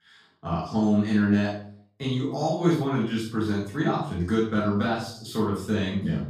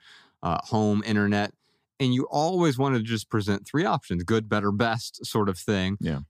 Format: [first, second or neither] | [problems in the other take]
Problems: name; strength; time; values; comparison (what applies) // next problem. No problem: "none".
second | room echo; noticeable; dies away in 0.4 s // off-mic speech; far